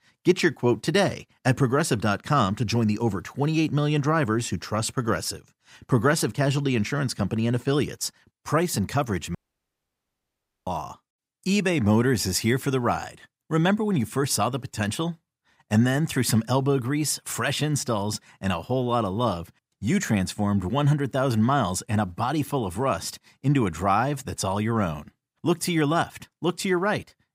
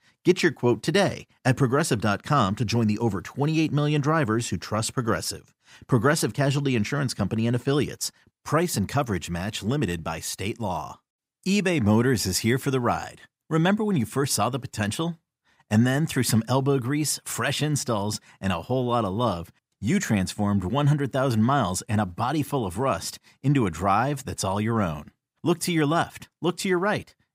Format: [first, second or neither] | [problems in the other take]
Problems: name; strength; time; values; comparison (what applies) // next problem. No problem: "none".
second | audio cutting out; at 9.5 s for 1.5 s